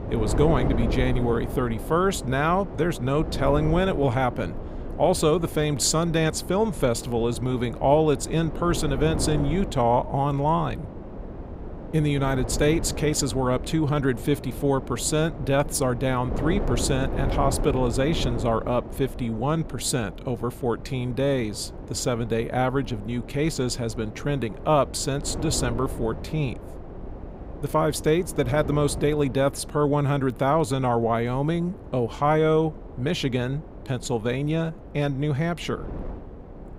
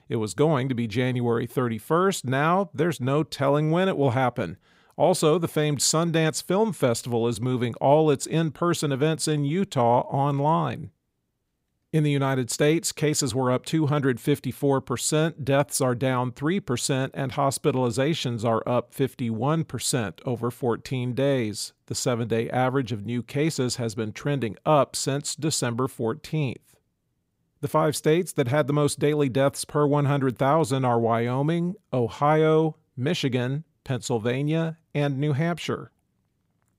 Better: second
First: wind noise on the microphone; occasional gusts; 15 dB below the speech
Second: none

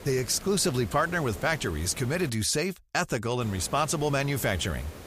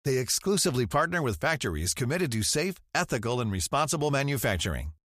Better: second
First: hiss; noticeable; until 2.5 s and from 3.5 s on; 15 dB below the speech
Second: none

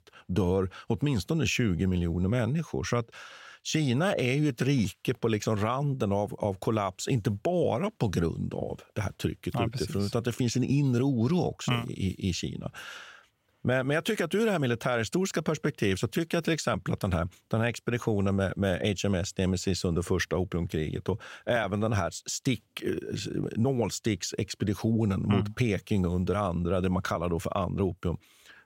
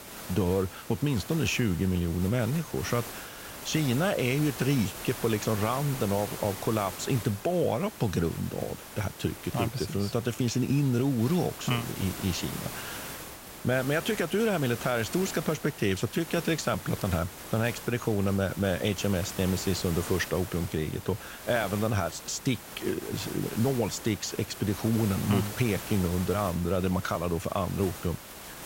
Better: first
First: none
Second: hiss; noticeable; throughout; 10 dB below the speech

